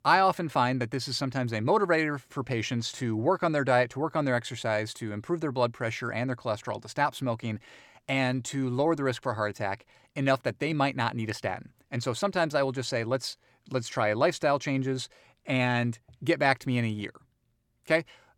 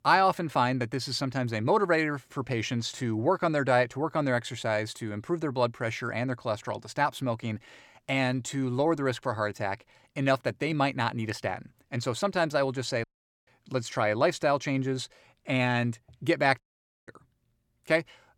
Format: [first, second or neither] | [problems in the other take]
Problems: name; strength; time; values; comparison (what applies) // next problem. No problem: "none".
first | audio cutting out; at 13 s and at 17 s